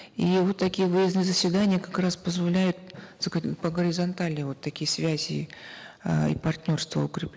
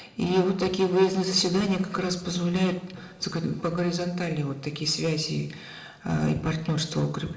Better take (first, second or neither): first